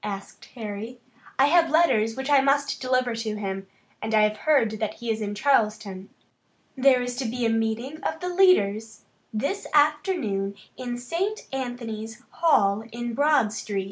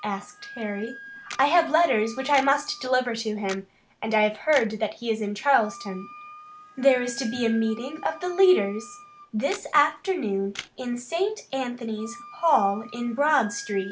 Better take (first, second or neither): first